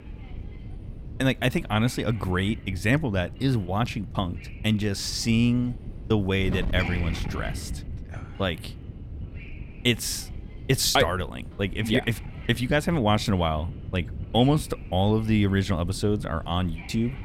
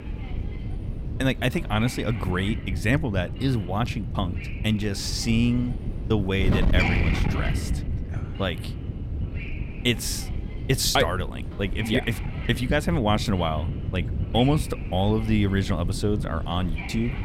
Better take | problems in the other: first | wind noise on the microphone; heavy; 9 dB below the speech; occasional gusts in the first

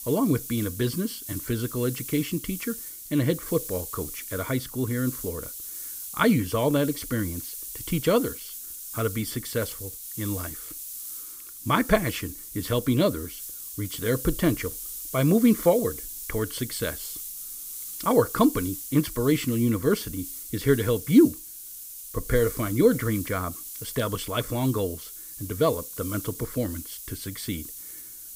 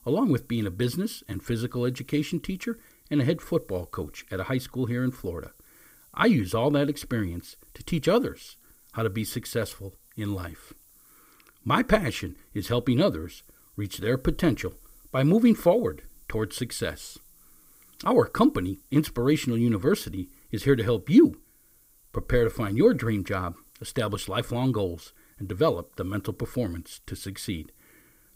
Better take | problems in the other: second | hiss; loud; throughout; 9 dB below the speech; faint in the second

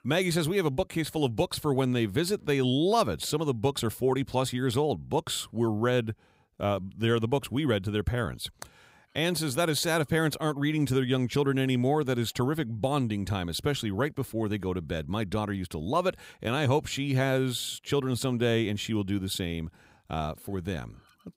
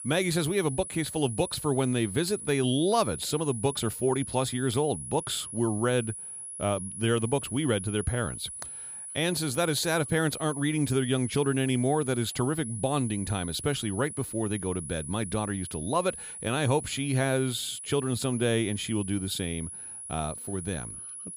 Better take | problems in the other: first | high-pitched whine; loud; throughout; 10.5 kHz, 9 dB below the speech

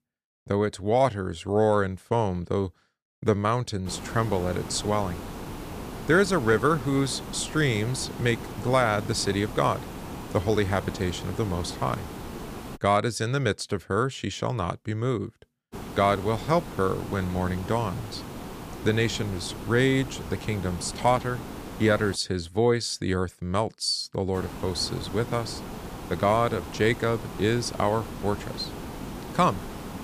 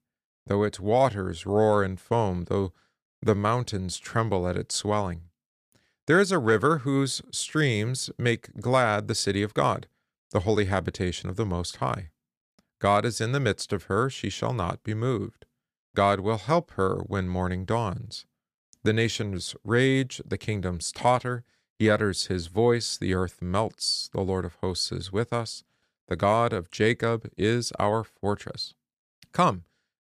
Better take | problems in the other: second | hiss; noticeable; from 4 to 13 s, from 16 to 22 s and from 24 s on; 10 dB below the speech

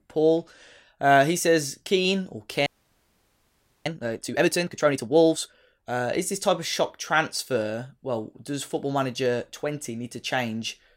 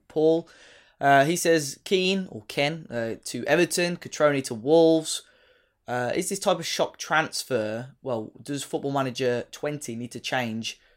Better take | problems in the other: second | audio freezing; at 2.5 s for 1 s

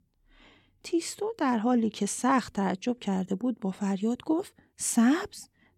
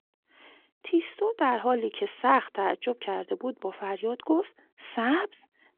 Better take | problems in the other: first | phone-call audio

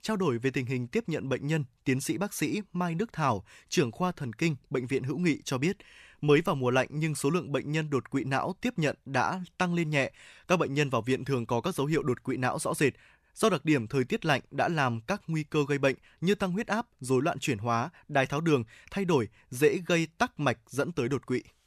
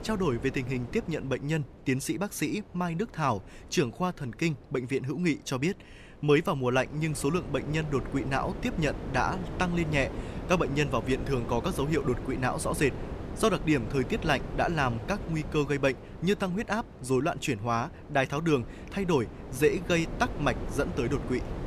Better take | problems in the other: first | wind noise on the microphone; occasional gusts; 15 dB below the speech

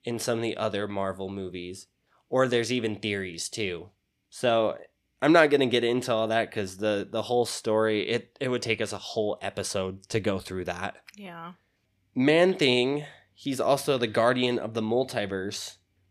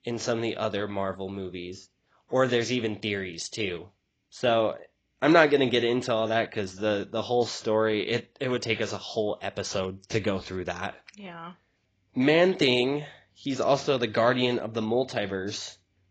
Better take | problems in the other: first | garbled, watery; badly; nothing above 7.5 kHz

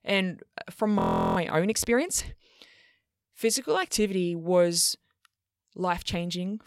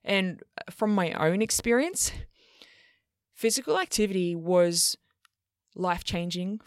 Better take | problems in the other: second | audio freezing; at 1 s

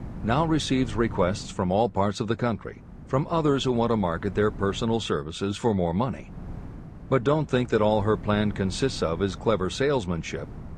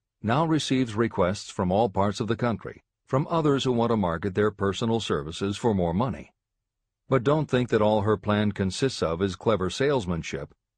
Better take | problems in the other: second | wind noise on the microphone; occasional gusts; 20 dB below the speech

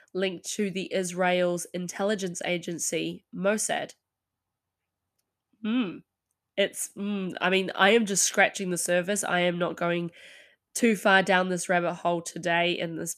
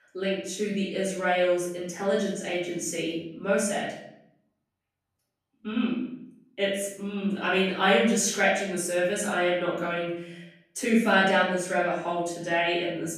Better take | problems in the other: first | room echo; noticeable; dies away in 0.7 s // off-mic speech; far

